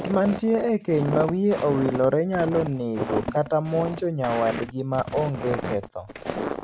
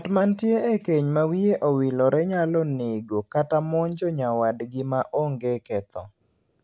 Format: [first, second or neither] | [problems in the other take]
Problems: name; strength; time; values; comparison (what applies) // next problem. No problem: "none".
second | background sound (Walk, footsteps); 8 dB below the speech